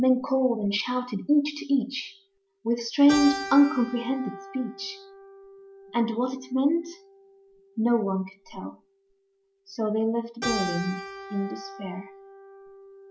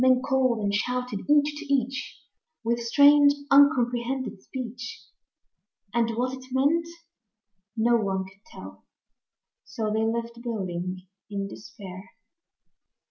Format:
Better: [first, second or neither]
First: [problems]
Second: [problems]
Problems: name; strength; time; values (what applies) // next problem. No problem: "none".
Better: second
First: background sound (Keyboard (musical)); 13 dB below the speech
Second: none